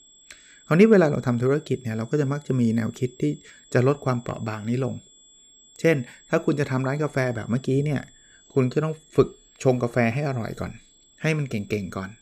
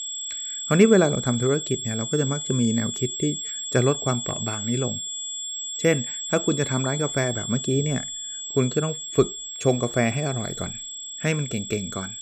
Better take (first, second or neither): first